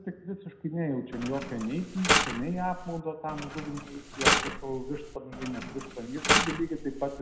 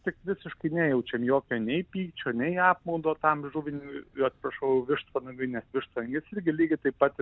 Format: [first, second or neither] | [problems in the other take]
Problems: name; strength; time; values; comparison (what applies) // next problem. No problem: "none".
second | background sound (Mechanisms); 4 dB above the speech // room echo; dies away in 0.7 s